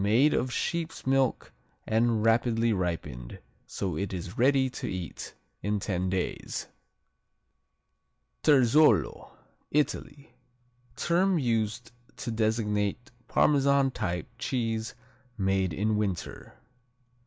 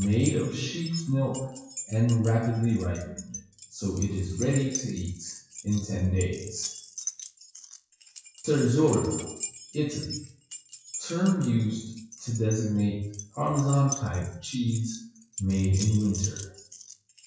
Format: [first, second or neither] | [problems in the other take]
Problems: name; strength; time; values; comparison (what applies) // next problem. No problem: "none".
first | noise reduction (classical method WPE with log-MMSE)